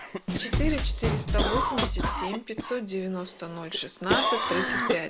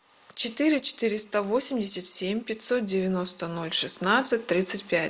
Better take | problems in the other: second | background sound (Drum kit + Cough); 4 dB above the speech

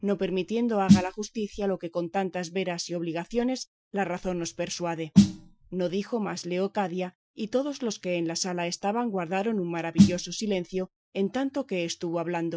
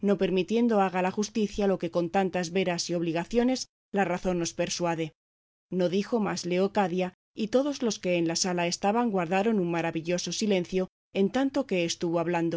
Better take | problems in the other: second | noise reduction (classical method Wiener filter)

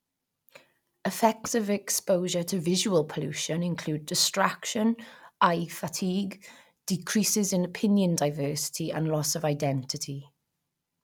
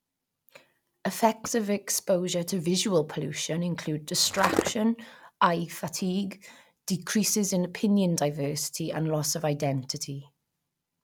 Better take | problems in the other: first | background sound (Skateboard); as loud as the speech

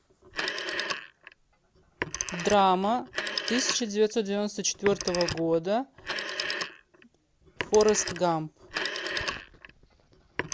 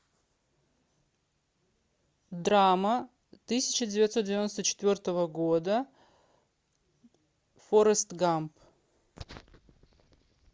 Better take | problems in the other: second | background sound (Telephone); 6 dB below the speech

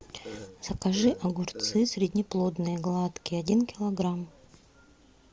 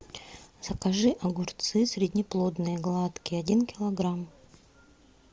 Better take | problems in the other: second | background sound (Burping, eructation); 15 dB below the speech

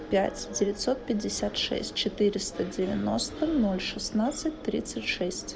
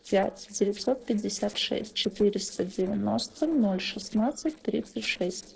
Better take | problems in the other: first | noise reduction (neural separator model SepFormer DNS4)

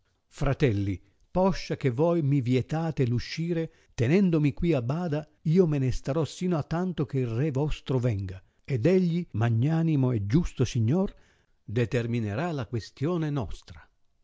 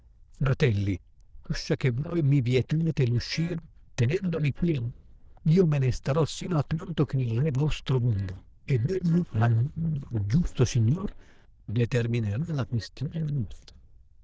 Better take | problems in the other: first | noise reduction (neural diffusion model UNIVERSE++)

